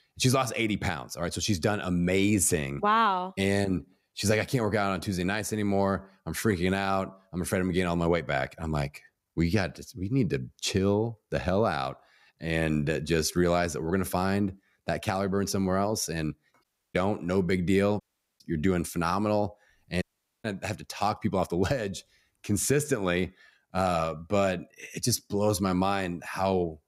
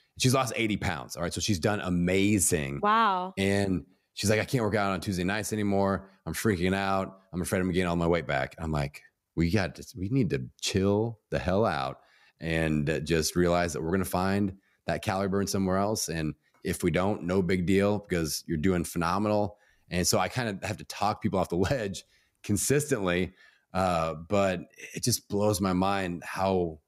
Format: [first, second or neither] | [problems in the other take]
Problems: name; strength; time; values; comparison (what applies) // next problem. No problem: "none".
second | audio cutting out; at 17 s, at 18 s and at 20 s